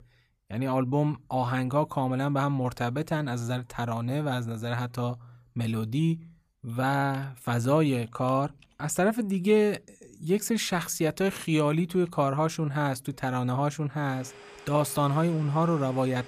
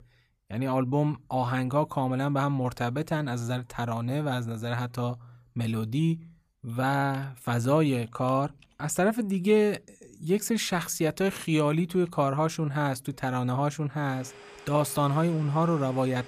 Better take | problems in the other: neither | household noises; faint; from 7 s on; 25 dB below the speech; the same in both

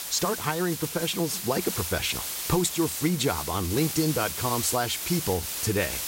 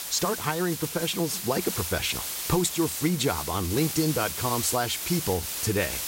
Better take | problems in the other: neither | hiss; loud; throughout; 4 dB below the speech; the same in both

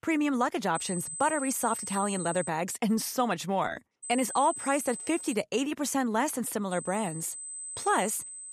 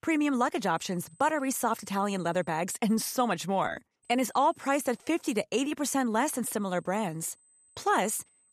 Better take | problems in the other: second | high-pitched whine; loud; from 1 to 2.5 s, from 4 to 5.5 s and from 6.5 s on; 8 kHz, 7 dB below the speech; faint in the second

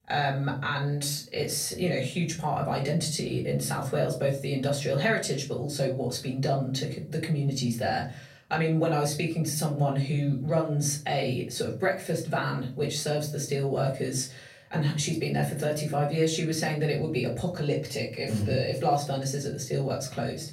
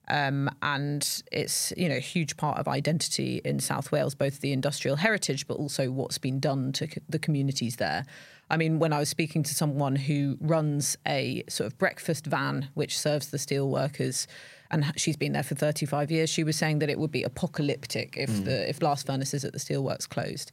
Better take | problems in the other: second | off-mic speech; far // room echo; slight; dies away in 0.3 s

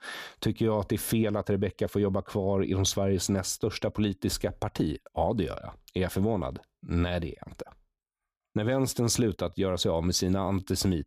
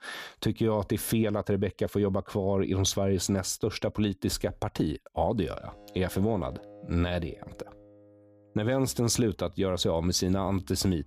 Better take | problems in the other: first | background music; faint; from 5.5 s on; 25 dB below the speech

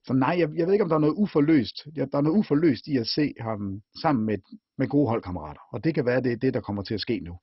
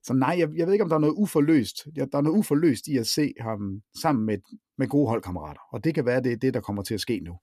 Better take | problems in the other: second | garbled, watery; badly; nothing above 5.5 kHz

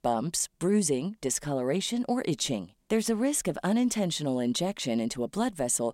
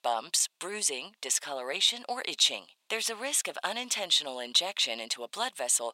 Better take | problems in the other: first | thin; very; fading below 950 Hz

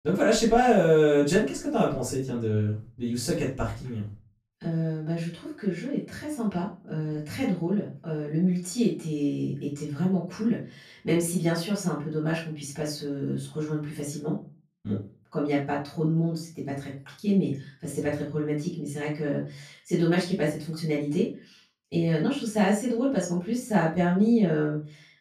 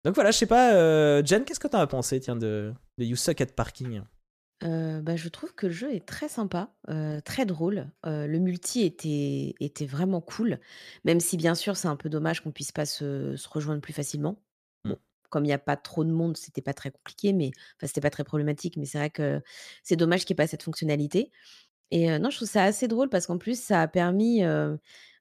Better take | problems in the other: second | off-mic speech; far // room echo; slight; dies away in 0.3 s

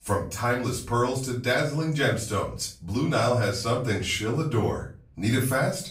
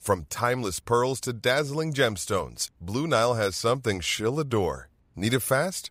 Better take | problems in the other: second | room echo; slight; dies away in 0.4 s // off-mic speech; far

